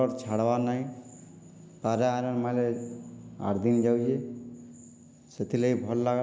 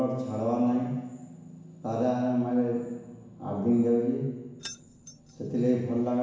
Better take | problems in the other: first | background sound (Keys jangling); 19 dB below the speech // room echo; dies away in 1.1 s

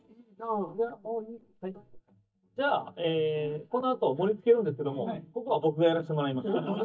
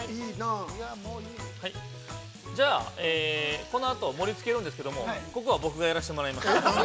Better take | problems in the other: second | noise reduction (neural mask model DeepFilterNet 3)

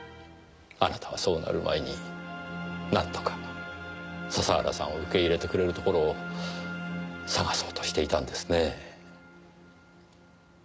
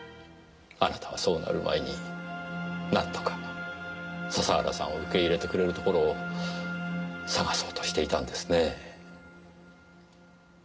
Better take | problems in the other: first | room echo; dies away in 2.4 s

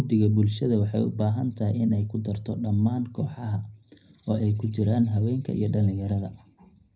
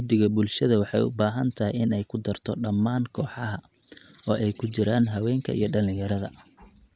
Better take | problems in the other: second | room echo; dies away in 0.4 s

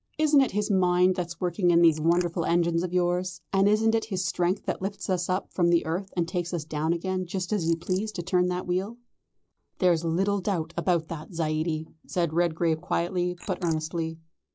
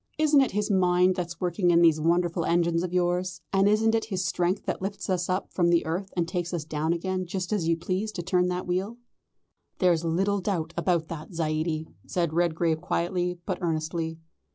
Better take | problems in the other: second | noise reduction (neural mask model Resemble Enhance denoiser)

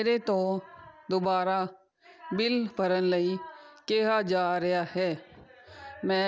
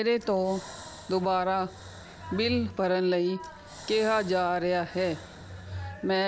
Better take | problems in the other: first | background sound (Breathing); 15 dB below the speech

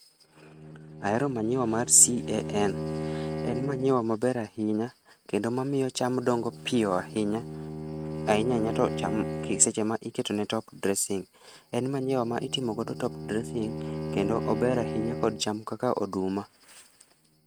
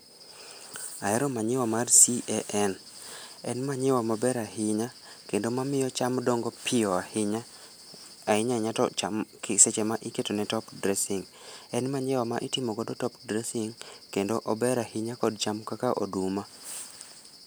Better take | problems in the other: second | noise reduction (neural mask model RNNoise)

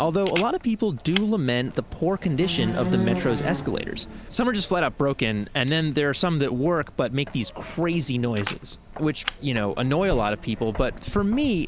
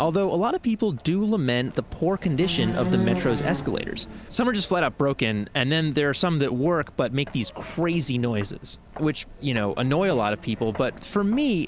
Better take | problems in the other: second | background sound (Camera); 14 dB below the speech

